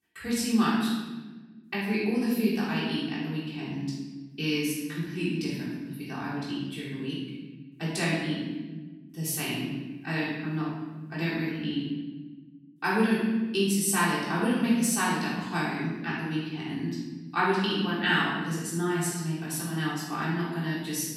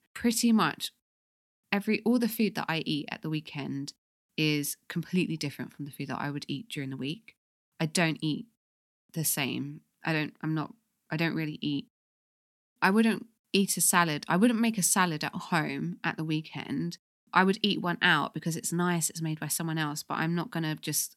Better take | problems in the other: second | off-mic speech; far // room echo; strong; dies away in 1.2 s

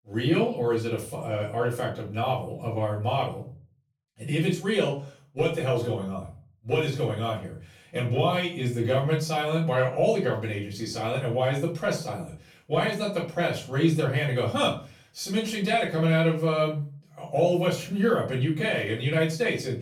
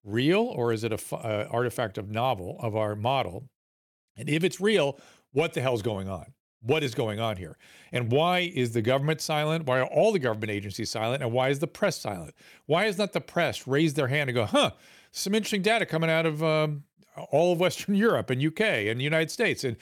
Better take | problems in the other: second | off-mic speech; far // room echo; slight; dies away in 0.3 s

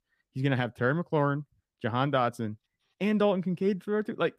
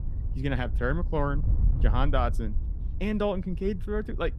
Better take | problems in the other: first | wind noise on the microphone; occasional gusts; 15 dB below the speech

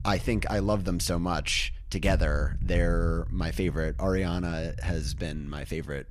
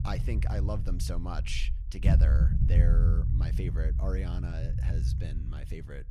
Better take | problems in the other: first | low rumble; loud; throughout; 3 dB below the speech; faint in the first

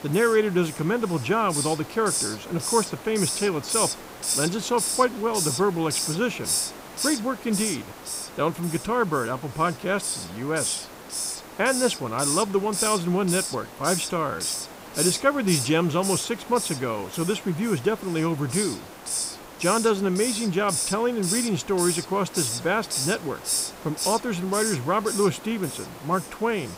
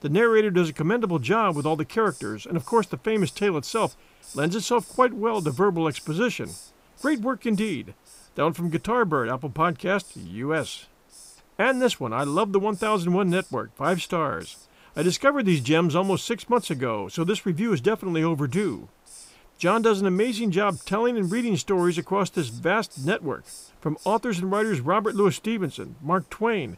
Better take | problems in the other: second | hiss; loud; throughout; 3 dB below the speech; faint in the second

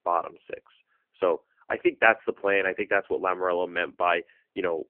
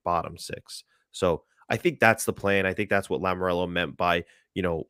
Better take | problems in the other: second | phone-call audio; poor line

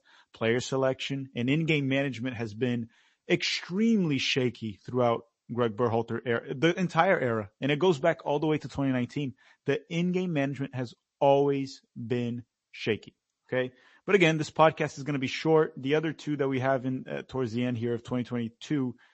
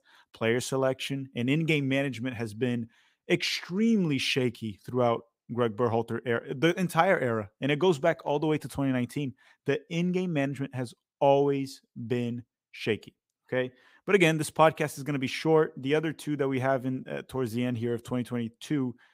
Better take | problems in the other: second | garbled, watery; slightly; nothing above 7.5 kHz

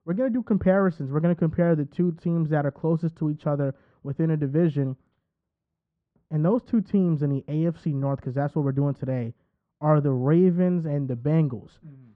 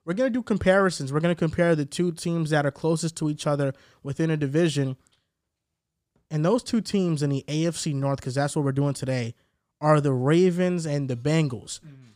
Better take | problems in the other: second | muffled; very; fading above 1.5 kHz

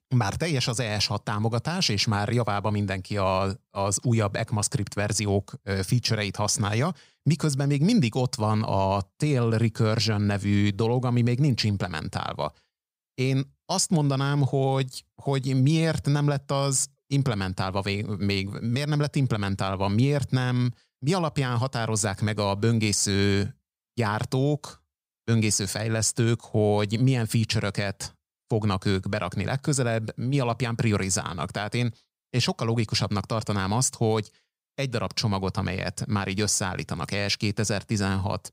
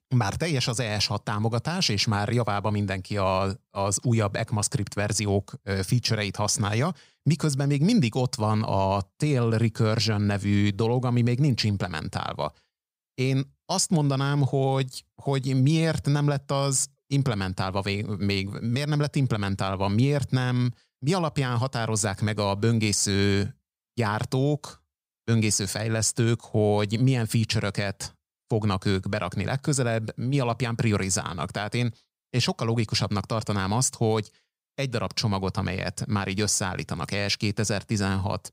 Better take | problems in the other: neither | none

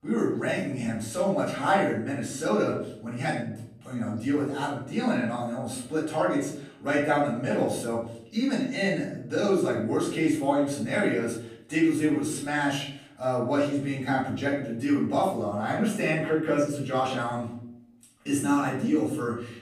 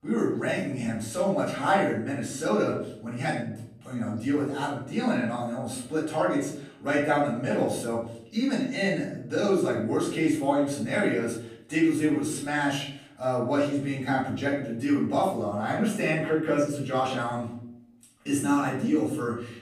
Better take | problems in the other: neither | off-mic speech; far; the same in both // room echo; noticeable; dies away in 0.6 s; the same in both

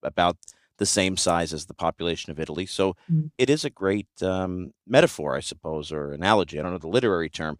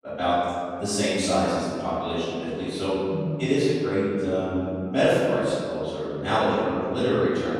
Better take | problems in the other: first | off-mic speech; far // room echo; strong; dies away in 2.2 s

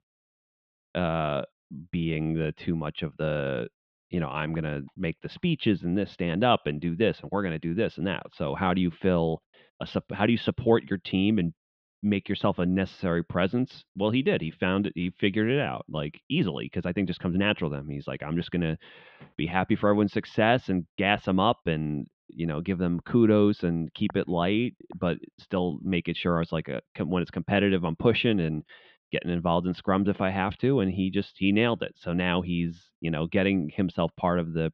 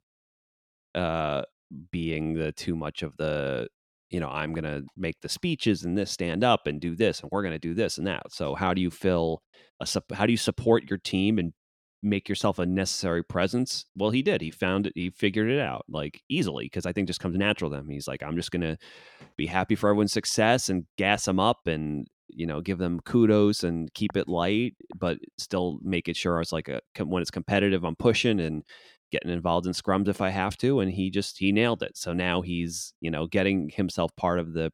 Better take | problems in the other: second | muffled; very; fading above 3.5 kHz

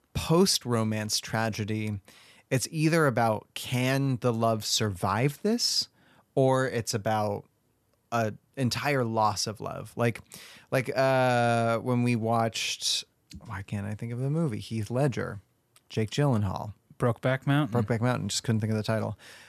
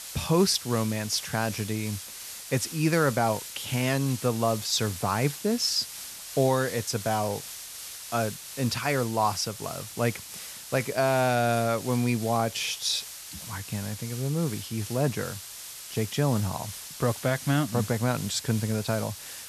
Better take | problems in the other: first | hiss; noticeable; throughout; 10 dB below the speech

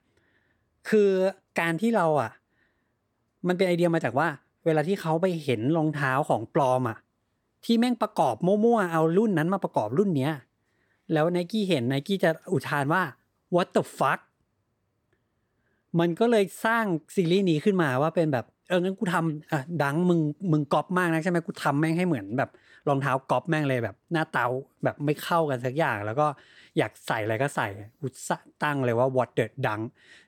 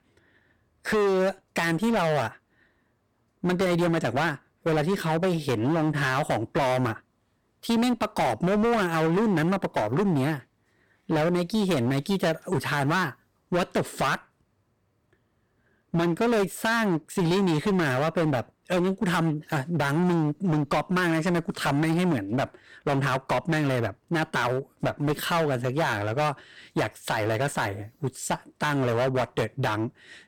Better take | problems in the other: first | distortion; heavy; 21% of the sound clipped

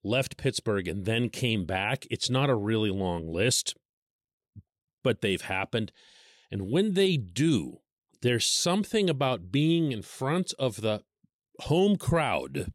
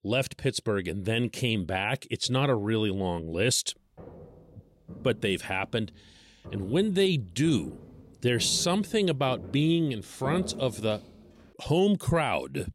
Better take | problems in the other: first | footsteps; noticeable; from 4 to 11 s; peak 9 dB below the speech

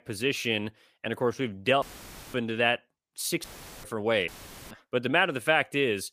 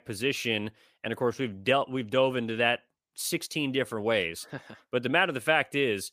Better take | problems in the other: second | audio cutting out; filled with static; at 2 s for 0.5 s, at 3.5 s and at 4.5 s

